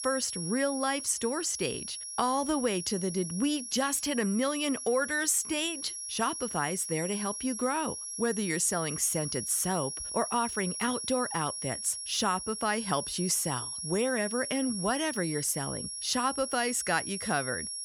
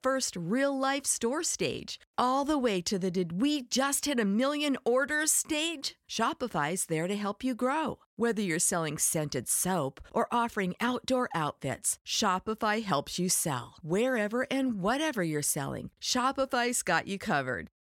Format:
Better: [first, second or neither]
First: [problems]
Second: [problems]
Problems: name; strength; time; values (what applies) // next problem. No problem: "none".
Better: second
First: high-pitched whine; loud; throughout; 10.5 kHz, 5 dB below the speech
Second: none